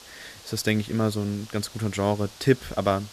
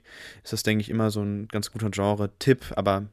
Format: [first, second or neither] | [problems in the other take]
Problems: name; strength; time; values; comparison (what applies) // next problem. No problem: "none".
second | hiss; noticeable; throughout; 20 dB below the speech